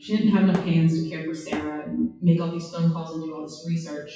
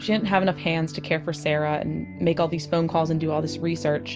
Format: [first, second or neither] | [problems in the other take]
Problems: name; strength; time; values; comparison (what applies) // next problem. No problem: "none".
second | noise reduction (classical method WPE with log-MMSE)